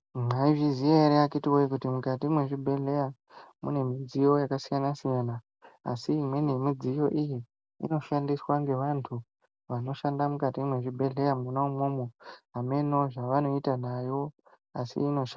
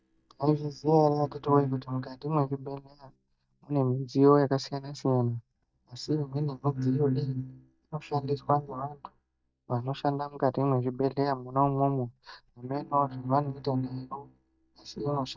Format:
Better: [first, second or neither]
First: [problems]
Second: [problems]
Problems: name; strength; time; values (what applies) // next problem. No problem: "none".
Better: first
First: none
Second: noise reduction (neural mask model DeepFilterNet 3)